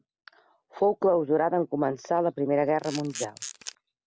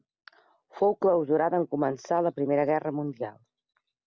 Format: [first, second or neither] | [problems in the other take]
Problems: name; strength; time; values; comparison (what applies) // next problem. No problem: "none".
second | background sound (Camera); 12 dB below the speech